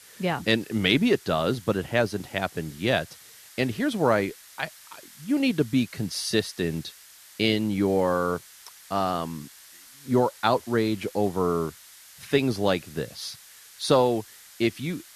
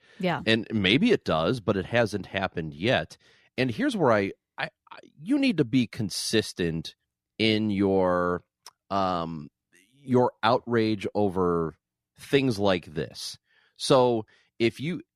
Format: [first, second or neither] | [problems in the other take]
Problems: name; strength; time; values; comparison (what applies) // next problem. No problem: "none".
second | hiss; faint; throughout; 20 dB below the speech